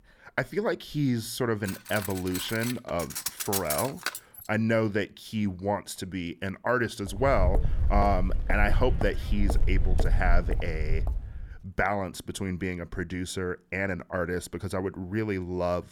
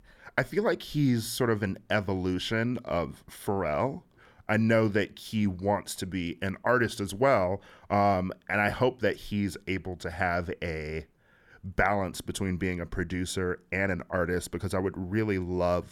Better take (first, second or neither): second